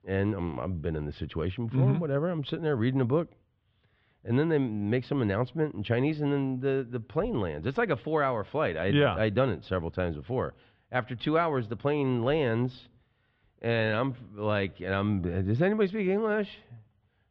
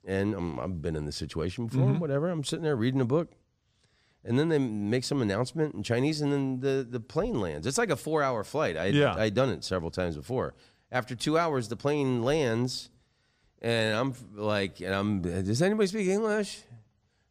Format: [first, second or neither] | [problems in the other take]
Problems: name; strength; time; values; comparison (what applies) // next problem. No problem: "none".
second | muffled; very; fading above 3.5 kHz